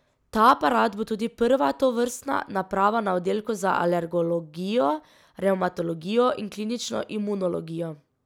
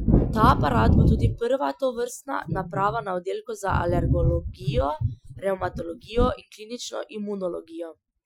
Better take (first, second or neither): first